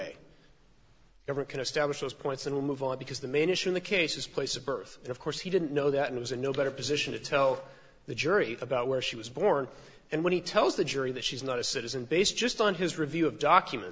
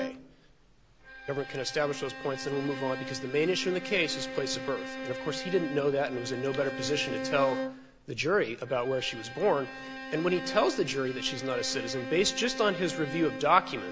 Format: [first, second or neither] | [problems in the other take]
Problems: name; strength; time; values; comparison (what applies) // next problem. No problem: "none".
first | background sound (Bowed string instrument); 9 dB below the speech